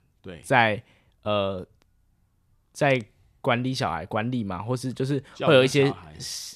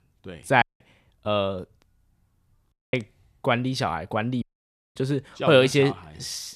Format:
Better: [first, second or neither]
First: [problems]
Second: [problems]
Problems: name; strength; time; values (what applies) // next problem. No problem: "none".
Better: first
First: none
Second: audio cutting out; at 0.5 s, at 2.5 s and at 4.5 s for 0.5 s